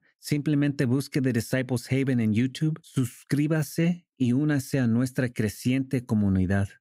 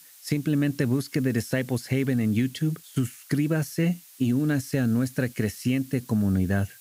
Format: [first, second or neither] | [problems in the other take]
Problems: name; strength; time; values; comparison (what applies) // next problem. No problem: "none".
first | hiss; faint; throughout; 20 dB below the speech